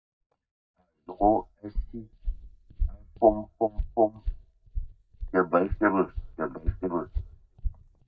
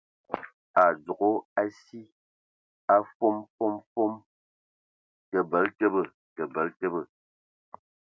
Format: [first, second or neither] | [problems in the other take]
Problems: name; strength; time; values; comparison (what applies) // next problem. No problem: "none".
second | noise reduction (neural mask model DeepFilterNet 3)